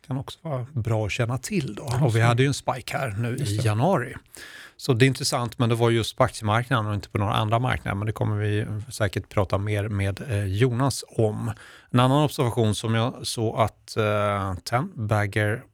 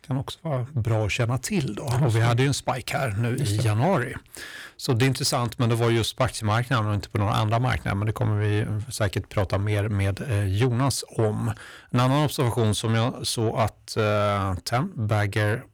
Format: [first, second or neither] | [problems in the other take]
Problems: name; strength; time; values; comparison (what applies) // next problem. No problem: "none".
first | distortion; slight; 10 dB below the speech